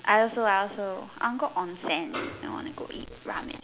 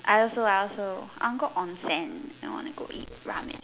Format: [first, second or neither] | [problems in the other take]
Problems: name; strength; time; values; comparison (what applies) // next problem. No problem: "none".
second | background sound (Snare drum); 10 dB below the speech